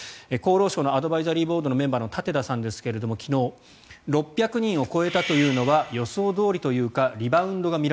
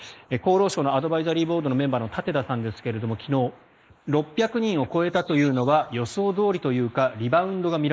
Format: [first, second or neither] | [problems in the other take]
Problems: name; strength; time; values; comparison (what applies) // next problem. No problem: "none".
first | noise reduction (neural mask model Resemble Enhance denoiser)